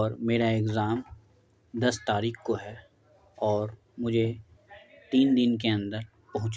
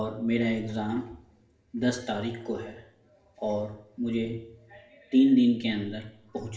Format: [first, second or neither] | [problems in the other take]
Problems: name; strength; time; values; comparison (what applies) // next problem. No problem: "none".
first | room echo; dies away in 0.7 s